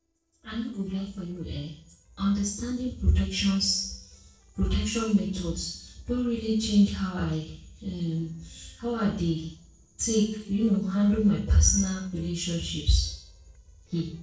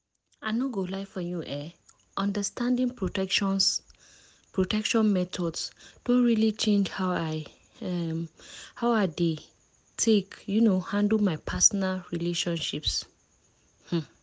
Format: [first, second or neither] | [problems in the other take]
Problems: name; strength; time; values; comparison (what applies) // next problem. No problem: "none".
second | noise reduction (neural separator model SepFormer DNS4)